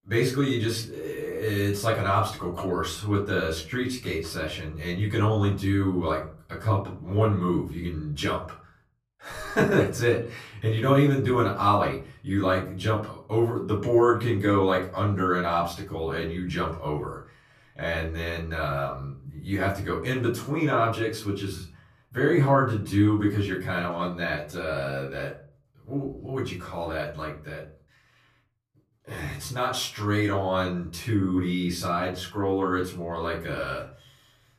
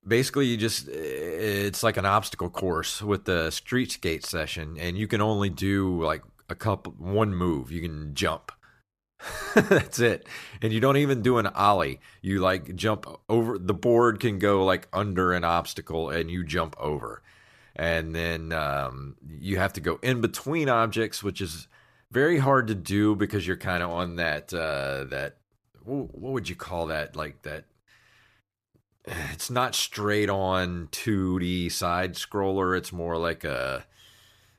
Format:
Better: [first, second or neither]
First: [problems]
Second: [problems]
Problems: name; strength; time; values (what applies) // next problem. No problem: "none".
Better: second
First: off-mic speech; far // room echo; slight; dies away in 0.4 s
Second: none